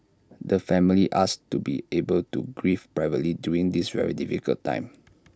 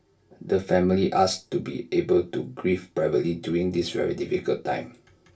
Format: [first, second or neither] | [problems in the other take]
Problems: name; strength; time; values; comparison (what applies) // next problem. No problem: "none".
first | room echo; dies away in 0.2 s